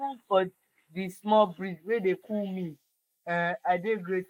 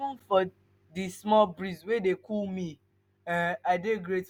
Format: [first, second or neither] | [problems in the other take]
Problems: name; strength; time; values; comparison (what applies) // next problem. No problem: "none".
second | noise reduction (neural mask model Resemble Enhance denoiser)